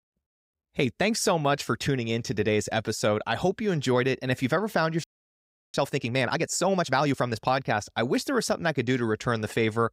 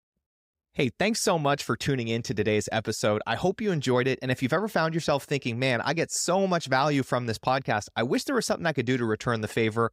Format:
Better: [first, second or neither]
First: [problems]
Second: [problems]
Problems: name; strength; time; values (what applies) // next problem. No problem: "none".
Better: second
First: audio freezing; at 5 s for 0.5 s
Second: none